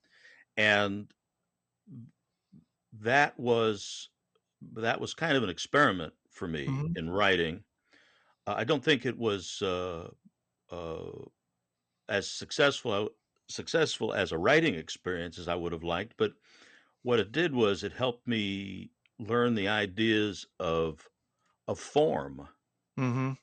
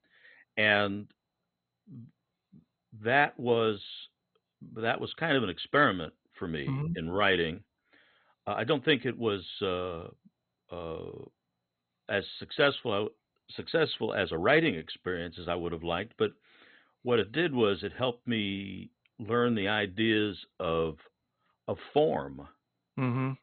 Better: first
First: garbled, watery; slightly; nothing above 8.5 kHz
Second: garbled, watery; badly; nothing above 3.5 kHz

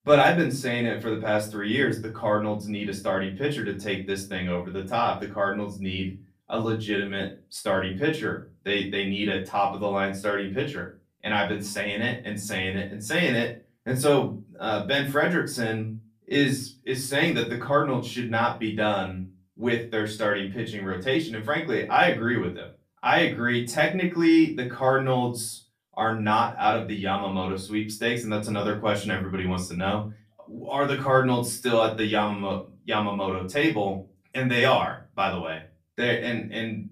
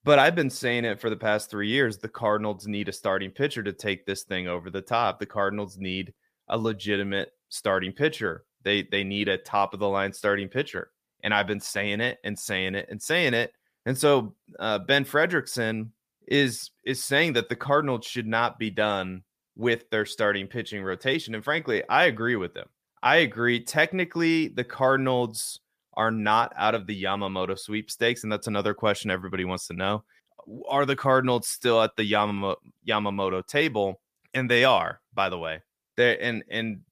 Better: second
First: off-mic speech; far // room echo; very slight; dies away in 0.3 s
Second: none

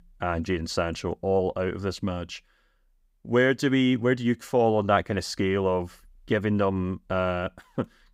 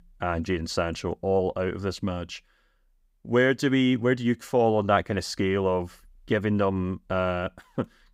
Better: neither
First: none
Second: none

